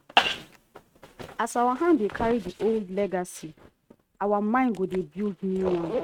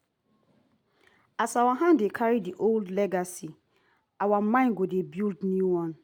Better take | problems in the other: second | noise reduction (neural mask model RNNoise)

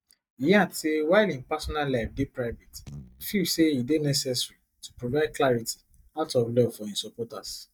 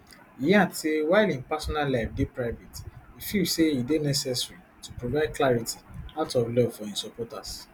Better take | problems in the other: second | noise reduction (neural mask model DeepFilterNet 3)

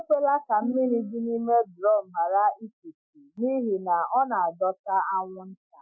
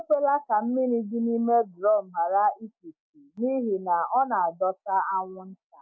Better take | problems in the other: second | noise reduction (classical method Wiener filter)

